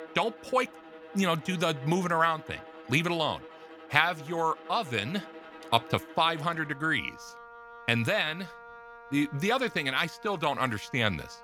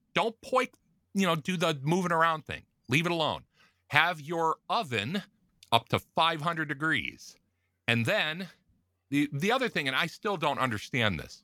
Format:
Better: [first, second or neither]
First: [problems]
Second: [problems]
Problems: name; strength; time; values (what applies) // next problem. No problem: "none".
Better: second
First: background music; noticeable; throughout; 20 dB below the speech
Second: none